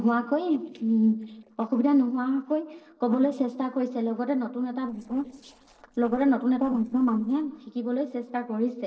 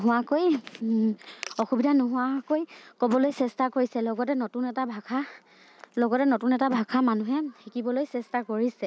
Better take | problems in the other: second | noise reduction (neural separator model SepFormer DNS4)

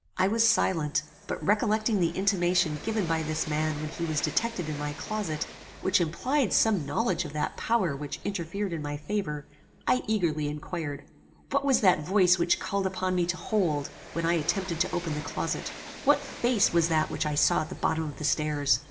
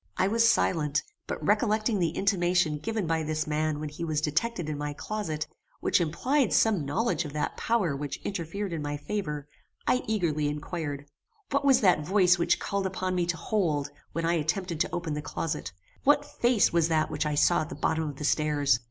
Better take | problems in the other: second | background sound (Train); 17 dB below the speech // room echo; dies away in 0.8 s

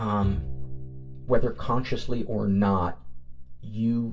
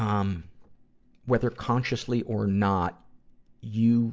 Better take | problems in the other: second | background sound (Bowed string instrument); 13 dB below the speech // room echo; dies away in 0.1 s

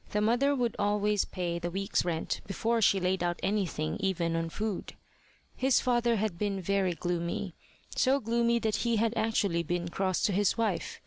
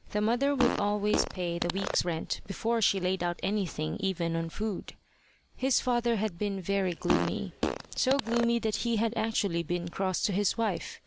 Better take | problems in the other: first | background sound (Fart); 3 dB below the speech

